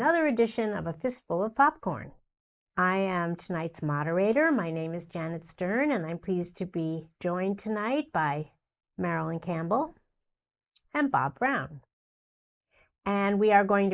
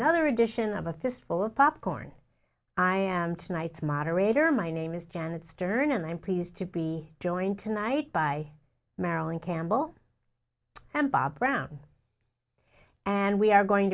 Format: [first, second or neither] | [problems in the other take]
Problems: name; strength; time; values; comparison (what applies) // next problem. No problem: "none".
second | noise reduction (neural mask model Resemble Enhance denoiser)